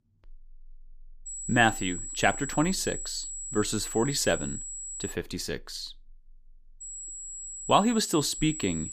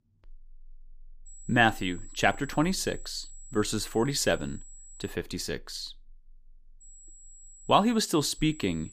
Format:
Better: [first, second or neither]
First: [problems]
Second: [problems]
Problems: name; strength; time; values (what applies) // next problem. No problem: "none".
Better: second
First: high-pitched whine; loud; from 1.5 to 5 s and from 7 s on; 8 kHz, 8 dB below the speech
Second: high-pitched whine; faint; from 1.5 to 5 s and from 7 s on; 8 kHz, 20 dB below the speech